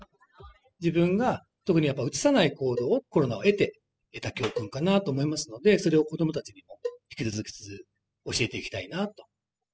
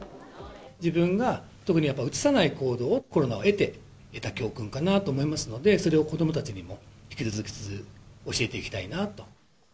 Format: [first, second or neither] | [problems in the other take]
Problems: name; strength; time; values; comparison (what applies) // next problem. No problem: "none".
second | noise reduction (classical method spectral subtraction)